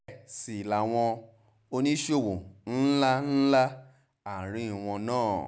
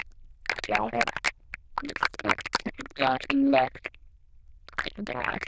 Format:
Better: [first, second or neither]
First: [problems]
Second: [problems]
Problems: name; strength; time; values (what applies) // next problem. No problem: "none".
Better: first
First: none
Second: noise reduction (neural diffusion model UNIVERSE++)